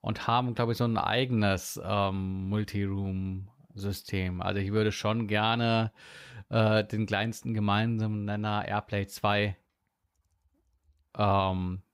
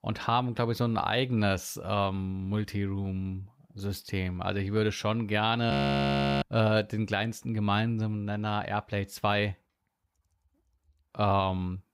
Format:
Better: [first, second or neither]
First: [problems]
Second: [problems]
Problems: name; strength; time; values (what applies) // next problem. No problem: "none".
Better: first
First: none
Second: audio freezing; at 5.5 s for 0.5 s